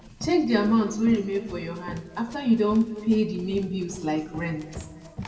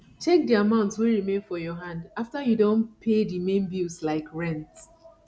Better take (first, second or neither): second